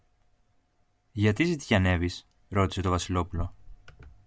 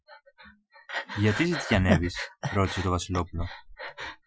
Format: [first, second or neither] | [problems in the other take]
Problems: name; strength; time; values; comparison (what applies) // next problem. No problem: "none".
first | noise reduction (classical method Wiener filter)